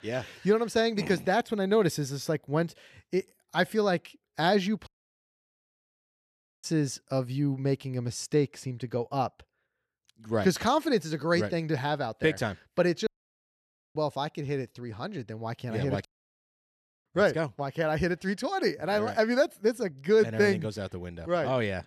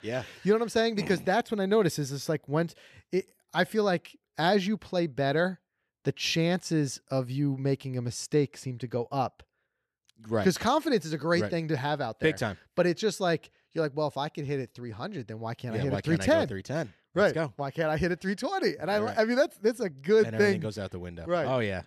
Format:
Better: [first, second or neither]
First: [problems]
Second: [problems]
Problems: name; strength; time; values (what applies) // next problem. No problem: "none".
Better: second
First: audio cutting out; at 5 s for 2 s, at 13 s for 1 s and at 16 s for 1 s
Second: none